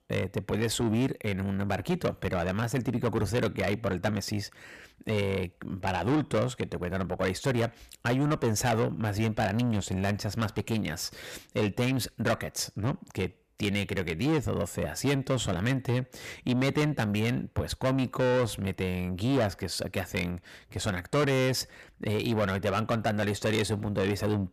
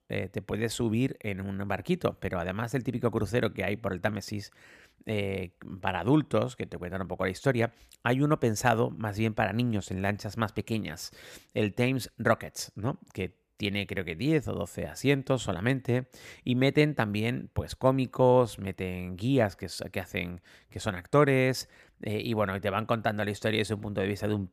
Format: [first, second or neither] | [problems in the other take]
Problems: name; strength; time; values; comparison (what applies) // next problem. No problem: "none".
second | distortion; heavy; 6 dB below the speech